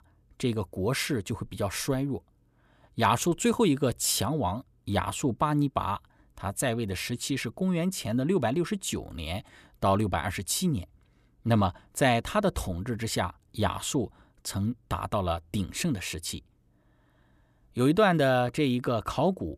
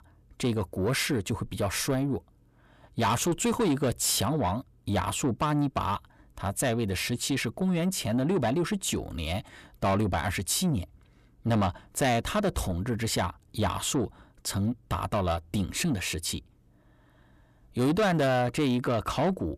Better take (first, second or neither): first